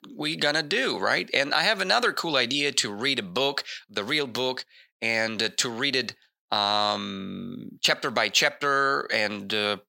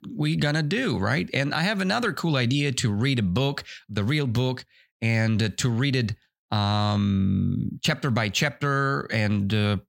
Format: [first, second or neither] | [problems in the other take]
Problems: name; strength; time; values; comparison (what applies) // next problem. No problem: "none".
second | thin; very; fading below 500 Hz